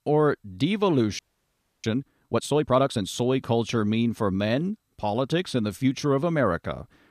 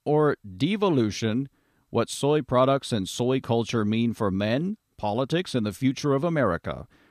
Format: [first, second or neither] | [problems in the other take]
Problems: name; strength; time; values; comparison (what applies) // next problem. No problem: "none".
second | audio freezing; at 1 s for 0.5 s